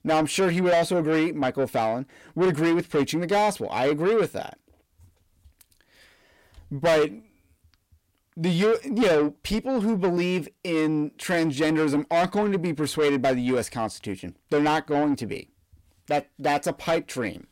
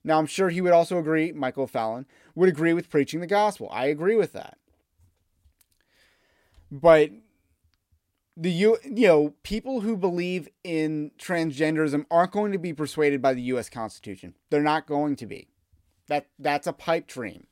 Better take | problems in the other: second | distortion; heavy; 7 dB below the speech

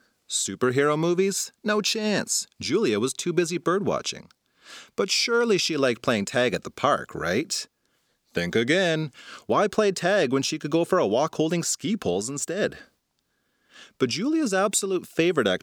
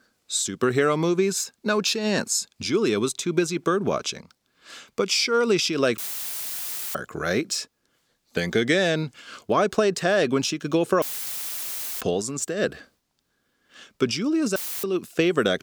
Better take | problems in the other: first | audio cutting out; filled with static; at 6 s for 1 s, at 11 s for 1 s and at 15 s

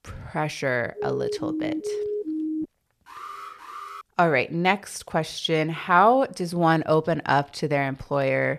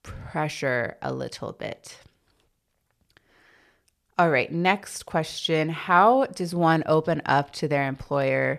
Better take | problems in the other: second | siren; noticeable; from 1 to 2.5 s; peak 5 dB below the speech // alarm; faint; at 3 s; peak 15 dB below the speech

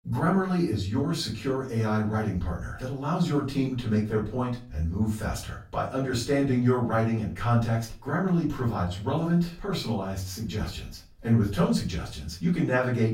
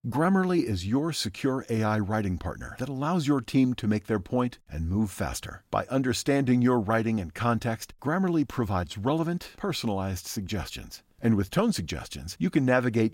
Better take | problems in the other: second | off-mic speech; far // room echo; slight; dies away in 0.3 s

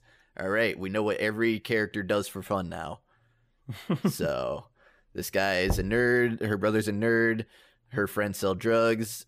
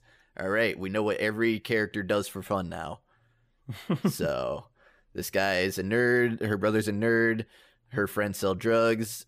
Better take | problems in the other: second | door banging; noticeable; at 5.5 s; peak 6 dB below the speech

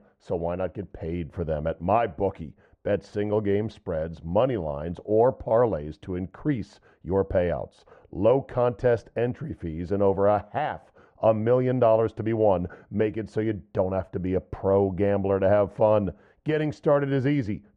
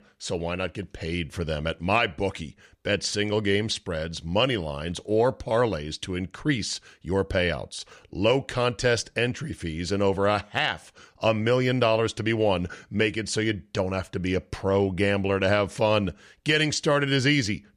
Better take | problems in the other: second | muffled; very; fading above 2 kHz

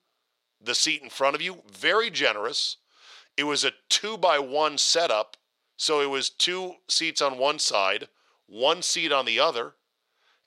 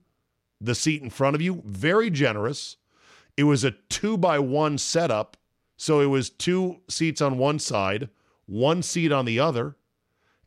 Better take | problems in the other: second | thin; very; fading below 650 Hz

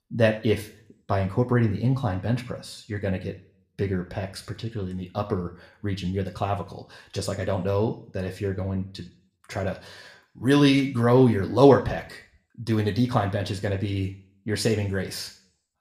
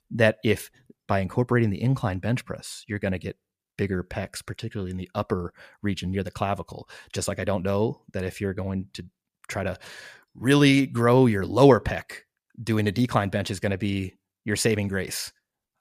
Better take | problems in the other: second | room echo; very slight; dies away in 0.4 s

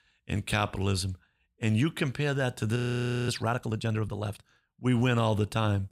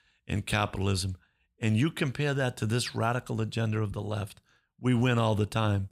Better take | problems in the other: second | audio freezing; at 3 s for 0.5 s

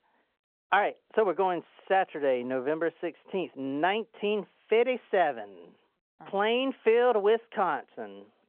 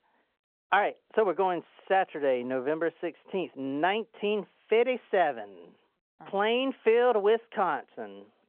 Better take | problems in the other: neither | phone-call audio; the same in both

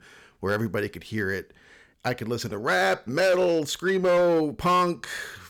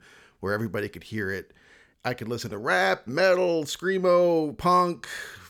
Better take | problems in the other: second | distortion; slight; 7% of the sound clipped

